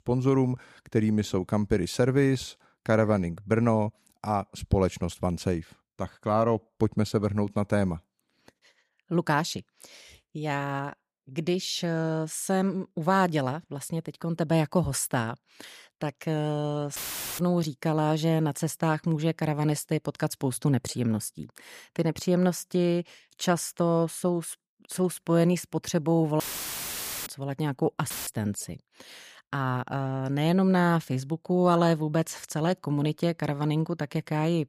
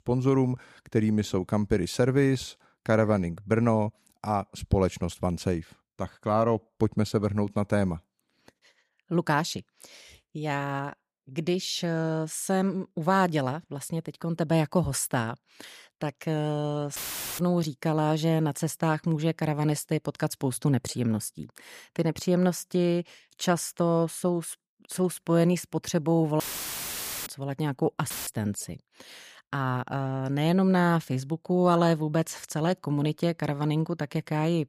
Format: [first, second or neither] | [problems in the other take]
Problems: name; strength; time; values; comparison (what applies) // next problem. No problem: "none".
neither | audio cutting out; filled with static; at 17 s, at 26 s for 1 s and at 28 s; the same in both